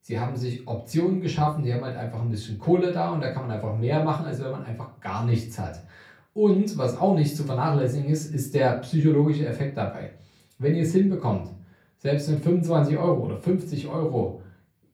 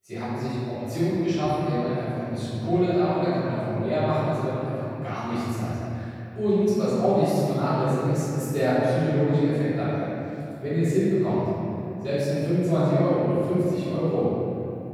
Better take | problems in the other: first | room echo; strong; dies away in 2.9 s; slight in the first // off-mic speech; far; far in the first

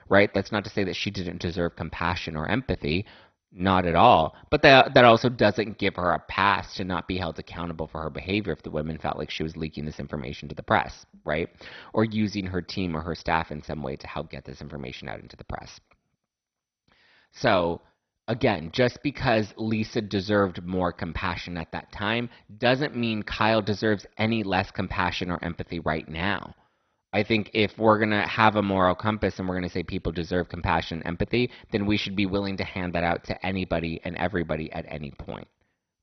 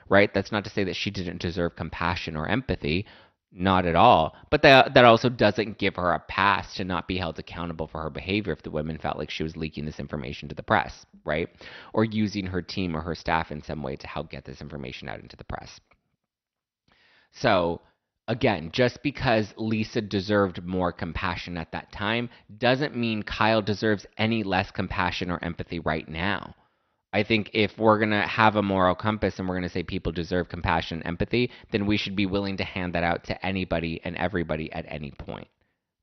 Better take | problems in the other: second | garbled, watery; badly; nothing above 6 kHz; slightly in the second

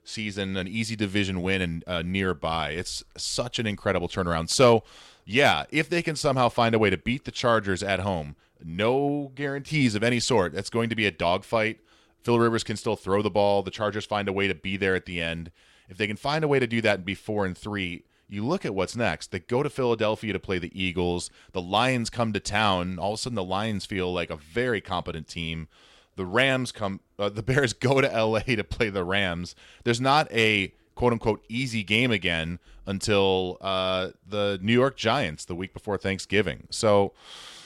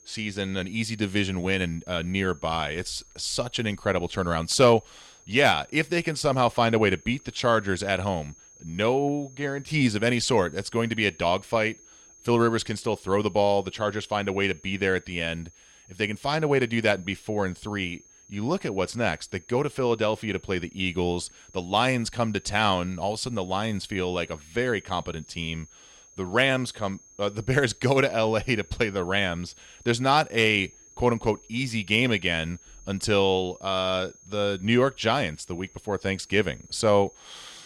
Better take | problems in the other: first | high-pitched whine; faint; throughout; 6.5 kHz, 25 dB below the speech

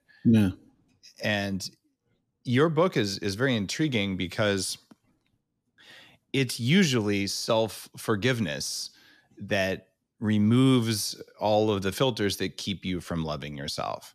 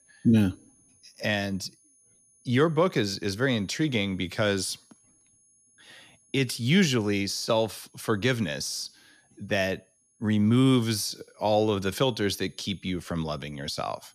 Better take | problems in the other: first | high-pitched whine; faint; throughout; 10 kHz, 35 dB below the speech

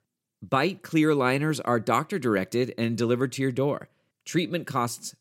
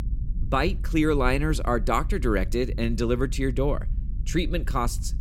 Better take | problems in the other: first | low rumble; faint; throughout; 20 dB below the speech

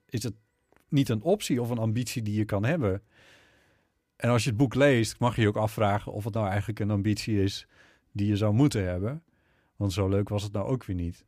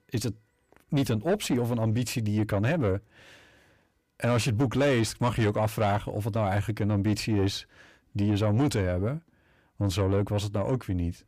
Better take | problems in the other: first | distortion; slight; 10 dB below the speech

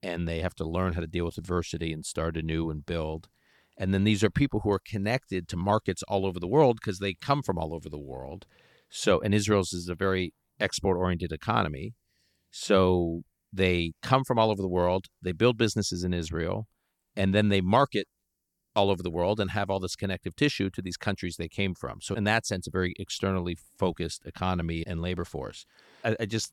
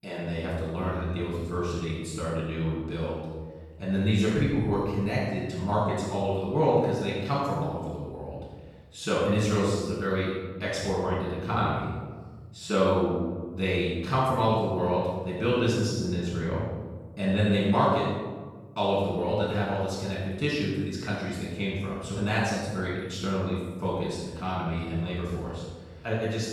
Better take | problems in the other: first | room echo; strong; dies away in 1.3 s // off-mic speech; far

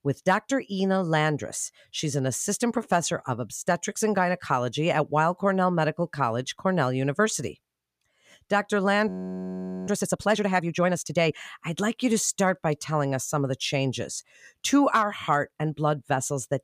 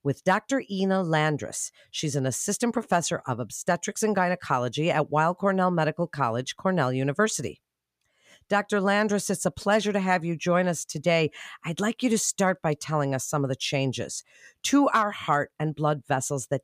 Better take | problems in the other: second | audio freezing; at 9 s for 1 s

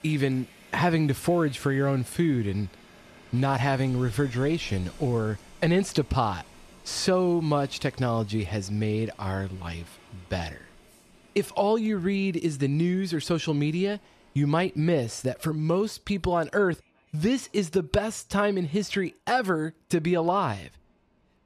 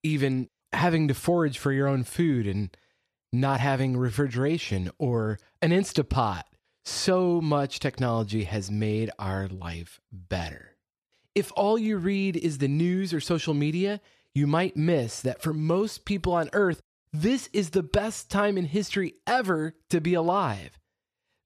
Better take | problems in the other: second | train or aircraft noise; faint; throughout; 25 dB below the speech

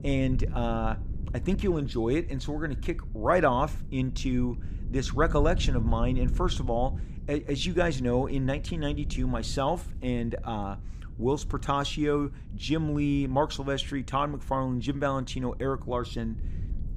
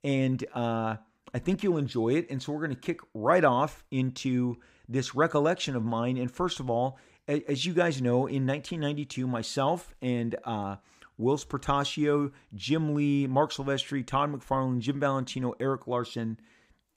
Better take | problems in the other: second | low rumble; faint; throughout; 20 dB below the speech

